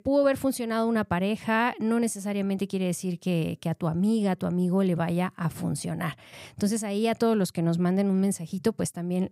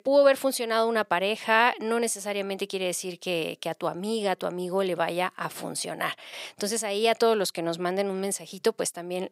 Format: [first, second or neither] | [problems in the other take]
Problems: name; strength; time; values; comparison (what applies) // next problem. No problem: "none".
first | thin; somewhat; fading below 500 Hz